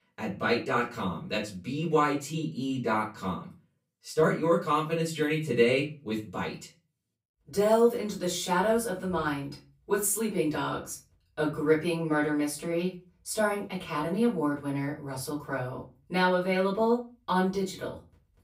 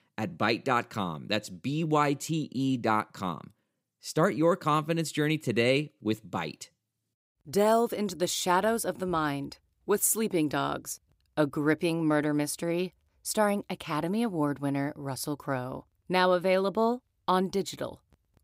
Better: second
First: off-mic speech; far // room echo; slight; dies away in 0.3 s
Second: none

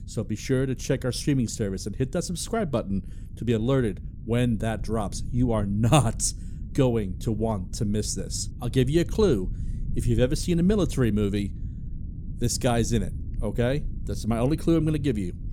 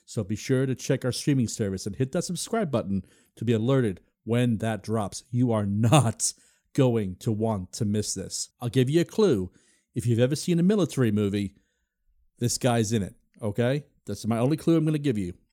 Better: second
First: low rumble; faint; throughout; 20 dB below the speech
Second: none

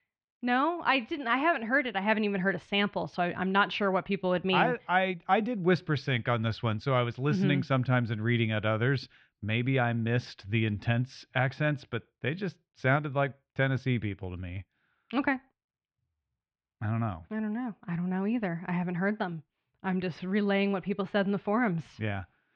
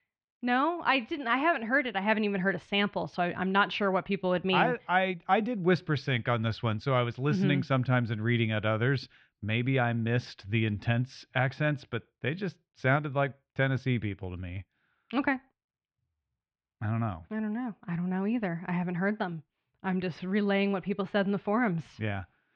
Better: neither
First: muffled; very; fading above 3 kHz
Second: muffled; very; fading above 3 kHz

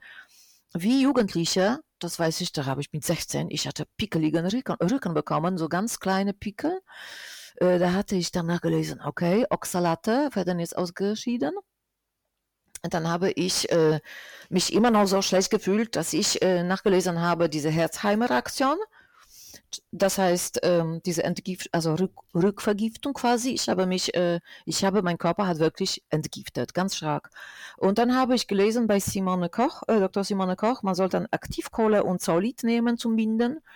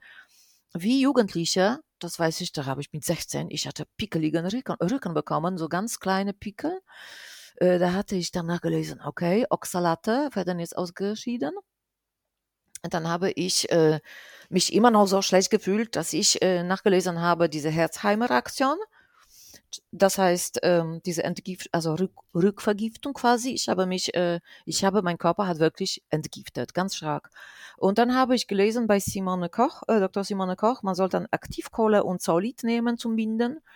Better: second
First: distortion; slight; 10 dB below the speech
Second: none

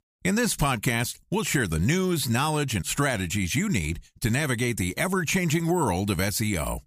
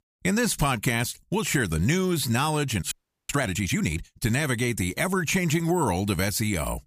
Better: first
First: none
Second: audio freezing; at 3 s

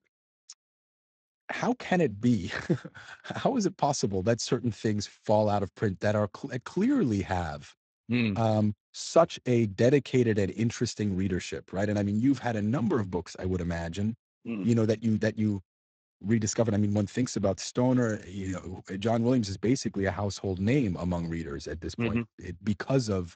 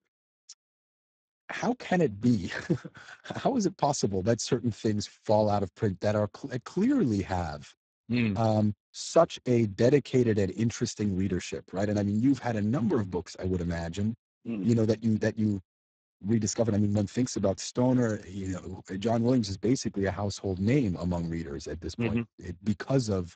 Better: first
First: garbled, watery; slightly; nothing above 7.5 kHz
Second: garbled, watery; badly; nothing above 7.5 kHz

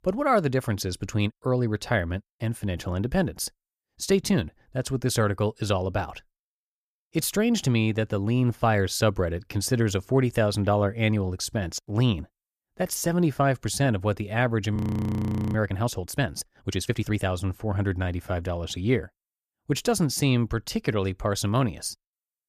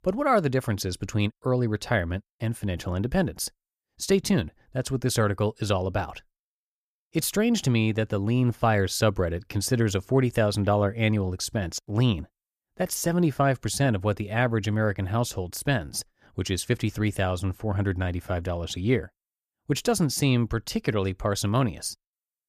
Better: second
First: audio freezing; at 15 s for 1 s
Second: none

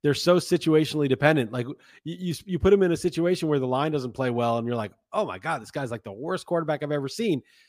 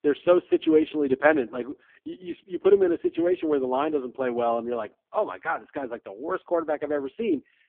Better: first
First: none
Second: phone-call audio; poor line

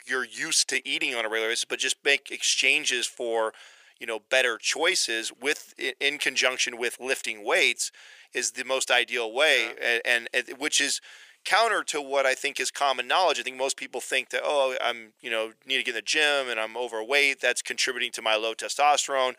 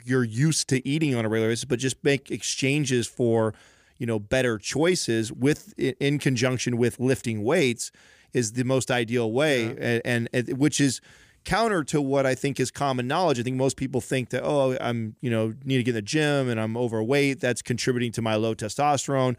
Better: second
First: thin; very; fading below 550 Hz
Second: none

